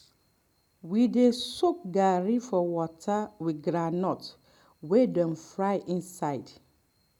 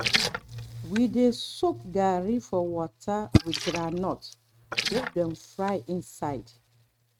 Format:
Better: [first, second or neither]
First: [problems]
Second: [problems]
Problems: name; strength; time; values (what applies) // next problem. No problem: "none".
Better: first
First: none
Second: noise reduction (neural mask model RNNoise)